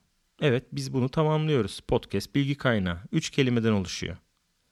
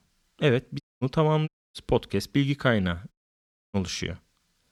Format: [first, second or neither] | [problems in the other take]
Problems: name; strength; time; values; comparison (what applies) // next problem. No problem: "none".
first | audio cutting out; at 1 s, at 1.5 s and at 3 s for 0.5 s